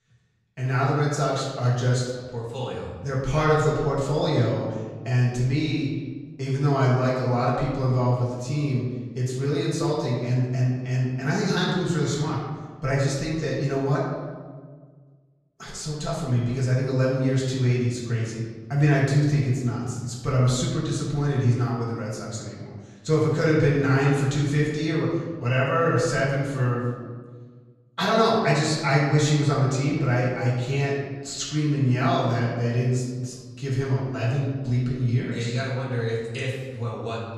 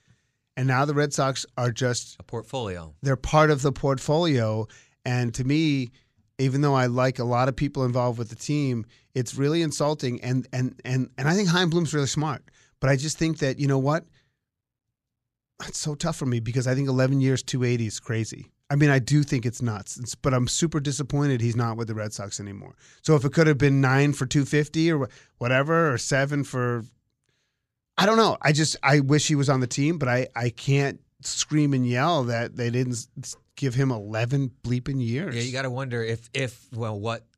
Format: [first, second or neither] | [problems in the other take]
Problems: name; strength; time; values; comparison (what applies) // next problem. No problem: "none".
second | room echo; noticeable; dies away in 1.3 s // off-mic speech; far